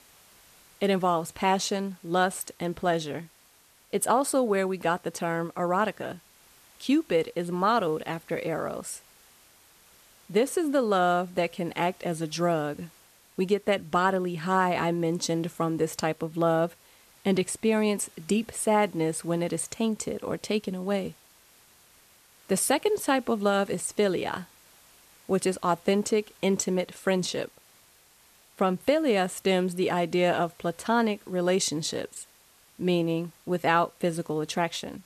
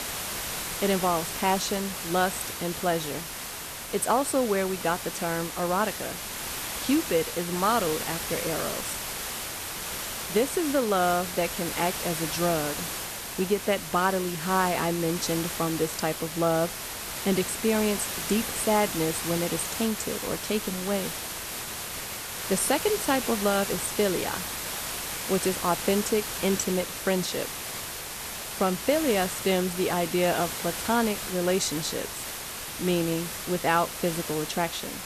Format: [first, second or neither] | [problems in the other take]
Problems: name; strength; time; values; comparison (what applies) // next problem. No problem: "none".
first | hiss; loud; throughout; 4 dB below the speech; faint in the first